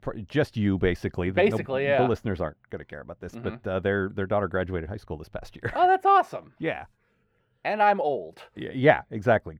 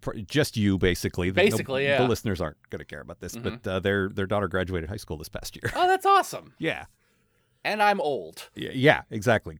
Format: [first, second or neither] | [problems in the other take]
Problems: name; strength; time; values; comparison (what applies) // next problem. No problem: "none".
second | muffled; very; fading above 4 kHz